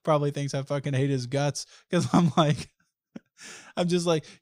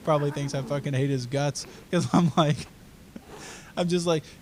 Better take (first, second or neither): first